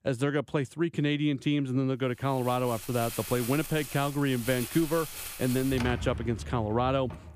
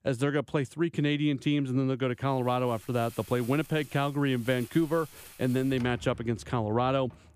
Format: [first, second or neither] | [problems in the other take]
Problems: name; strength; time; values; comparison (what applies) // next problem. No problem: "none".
second | household noises; loud; from 2.5 s on; 9 dB below the speech; faint in the second